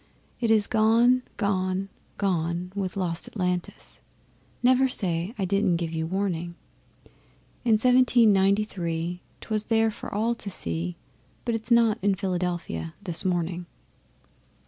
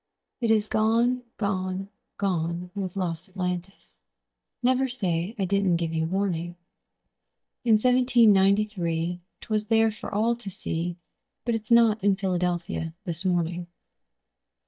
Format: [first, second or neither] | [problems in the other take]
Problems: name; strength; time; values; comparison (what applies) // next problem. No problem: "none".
first | noise reduction (neural mask model DeepFilterNet 3)